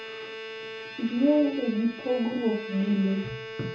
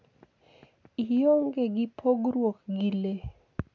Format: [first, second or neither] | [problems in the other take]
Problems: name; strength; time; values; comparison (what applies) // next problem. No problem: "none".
second | background sound (Bowed string instrument); 11 dB below the speech // room echo; dies away in 0.6 s